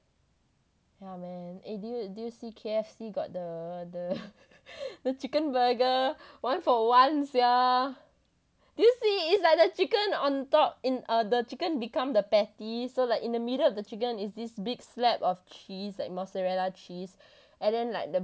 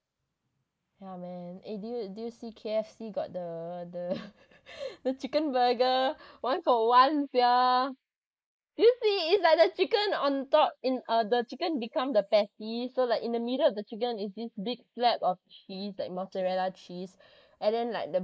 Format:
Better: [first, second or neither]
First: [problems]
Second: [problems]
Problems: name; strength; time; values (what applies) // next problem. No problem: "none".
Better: first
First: none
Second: noise reduction (neural mask model Resemble Enhance denoiser)